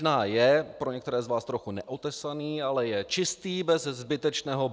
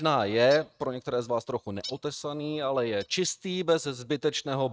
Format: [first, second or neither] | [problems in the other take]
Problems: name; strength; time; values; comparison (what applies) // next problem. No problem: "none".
first | noise reduction (neural mask model RNNoise)